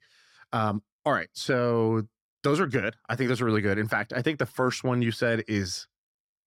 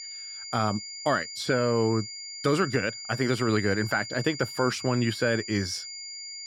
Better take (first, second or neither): first